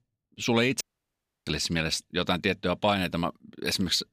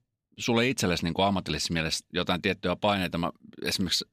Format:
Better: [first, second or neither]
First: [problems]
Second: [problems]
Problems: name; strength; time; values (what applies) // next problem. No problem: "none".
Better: second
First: audio cutting out; at 1 s for 0.5 s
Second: none